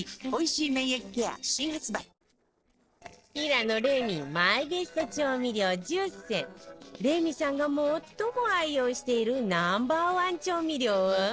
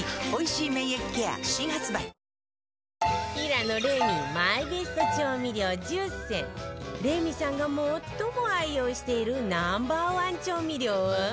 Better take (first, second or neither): second